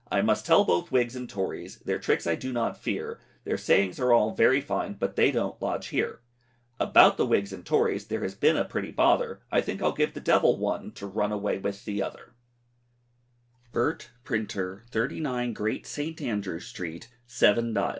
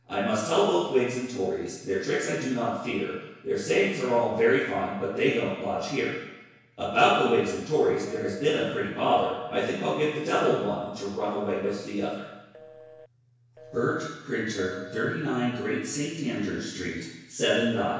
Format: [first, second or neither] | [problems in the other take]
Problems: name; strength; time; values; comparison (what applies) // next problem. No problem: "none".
first | noise reduction (neural separator model SepFormer DNS4)